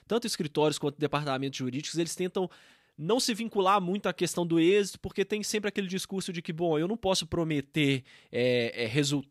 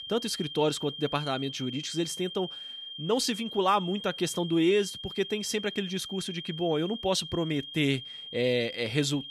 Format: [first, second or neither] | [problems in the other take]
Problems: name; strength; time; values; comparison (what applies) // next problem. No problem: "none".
first | high-pitched whine; loud; throughout; 3 kHz, 9 dB below the speech